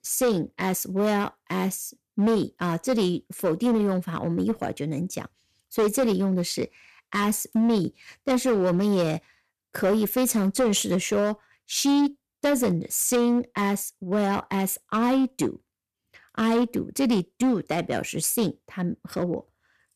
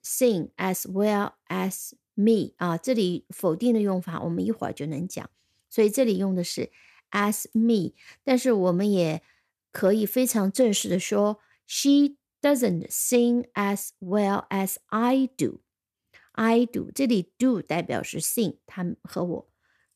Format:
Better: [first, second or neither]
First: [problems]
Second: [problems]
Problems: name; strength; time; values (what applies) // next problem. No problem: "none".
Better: second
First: distortion; slight; 8% of the sound clipped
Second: none